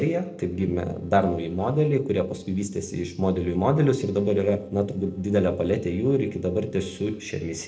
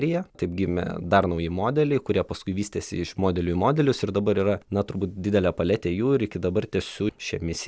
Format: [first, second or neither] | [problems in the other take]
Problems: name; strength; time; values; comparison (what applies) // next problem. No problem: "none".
second | noise reduction (neural separator model SepFormer DNS4)